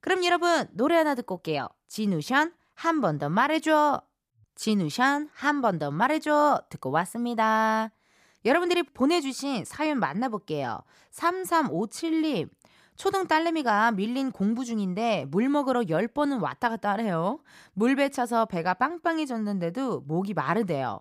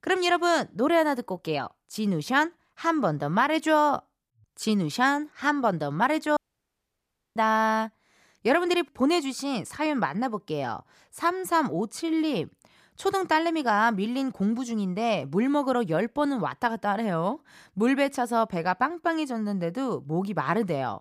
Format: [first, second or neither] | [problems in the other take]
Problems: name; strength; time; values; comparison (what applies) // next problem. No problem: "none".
first | audio cutting out; at 6.5 s for 1 s